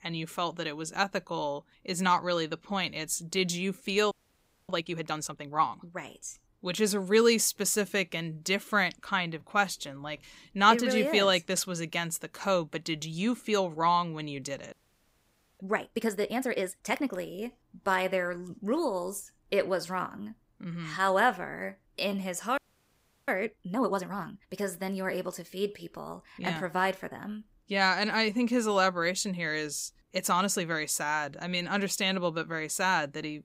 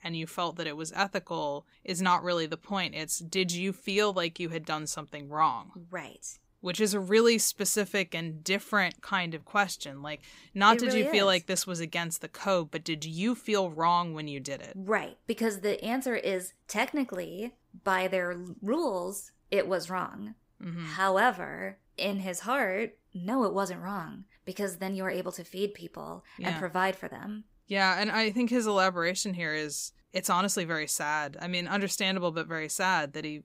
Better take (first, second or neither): second